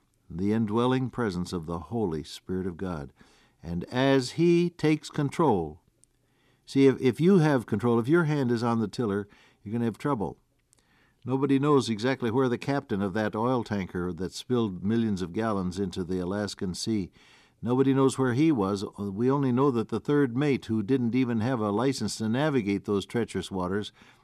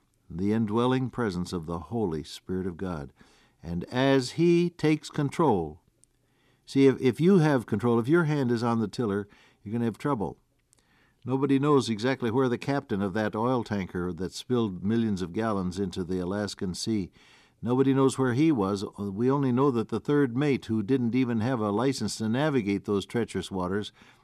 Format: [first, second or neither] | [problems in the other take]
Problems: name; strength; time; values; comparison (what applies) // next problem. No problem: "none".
neither | none